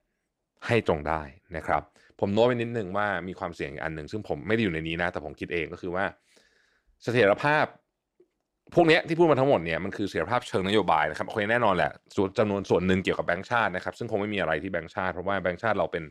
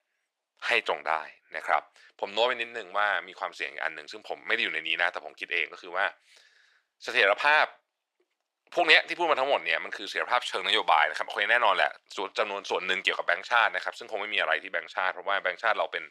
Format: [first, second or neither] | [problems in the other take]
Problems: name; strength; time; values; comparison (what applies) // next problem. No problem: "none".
first | thin; very; fading below 800 Hz